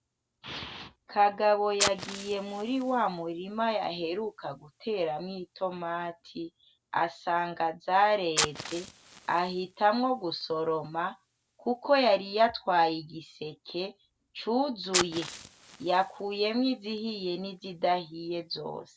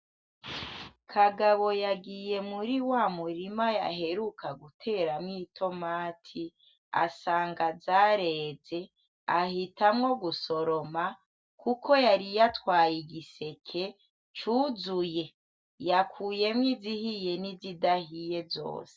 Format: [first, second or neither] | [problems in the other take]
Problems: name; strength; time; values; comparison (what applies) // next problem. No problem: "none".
second | background sound (Fire); 11 dB below the speech